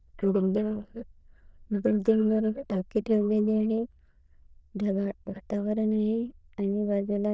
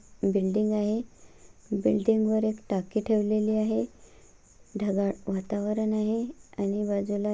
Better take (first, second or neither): second